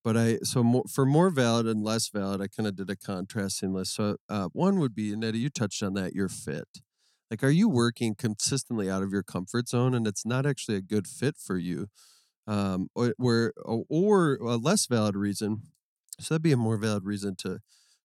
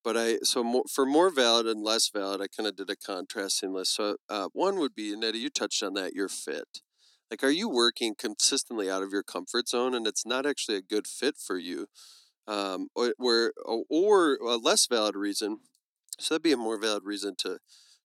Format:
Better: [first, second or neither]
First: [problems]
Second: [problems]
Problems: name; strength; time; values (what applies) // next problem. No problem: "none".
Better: first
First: none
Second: thin; somewhat; fading below 300 Hz